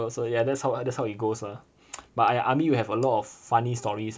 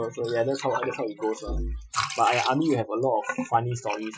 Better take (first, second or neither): first